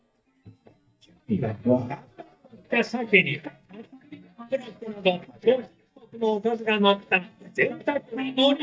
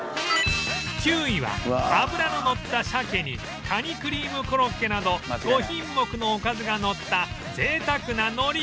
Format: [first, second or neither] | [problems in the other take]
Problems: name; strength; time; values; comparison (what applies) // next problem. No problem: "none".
second | noise reduction (neural mask model DeepFilterNet 3)